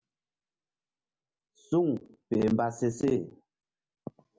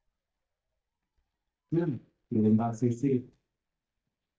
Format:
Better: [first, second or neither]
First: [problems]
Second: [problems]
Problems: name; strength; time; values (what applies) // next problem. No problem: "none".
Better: first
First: none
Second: noise reduction (neural mask model DeepFilterNet 3)